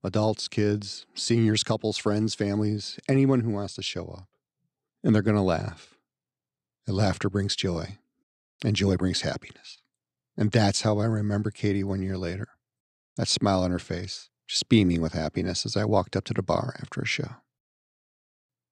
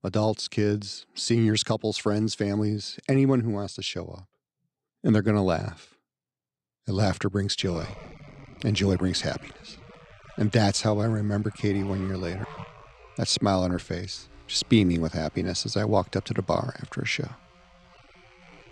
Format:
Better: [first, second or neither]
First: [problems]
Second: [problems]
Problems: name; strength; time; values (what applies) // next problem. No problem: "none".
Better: first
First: none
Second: low rumble; noticeable; from 7.5 s on; 20 dB below the speech